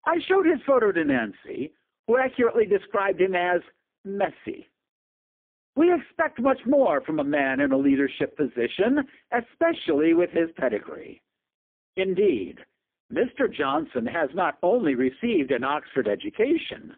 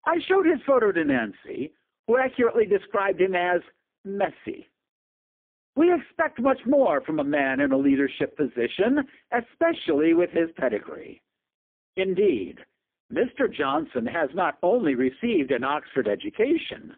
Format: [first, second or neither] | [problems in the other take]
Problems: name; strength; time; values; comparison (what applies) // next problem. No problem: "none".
neither | phone-call audio; poor line; nothing above 3.5 kHz; the same in both